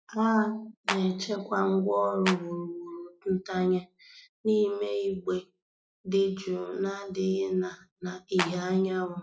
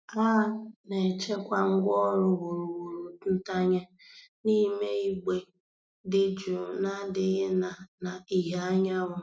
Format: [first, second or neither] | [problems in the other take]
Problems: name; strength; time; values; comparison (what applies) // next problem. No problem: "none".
second | noise reduction (classical method log-MMSE)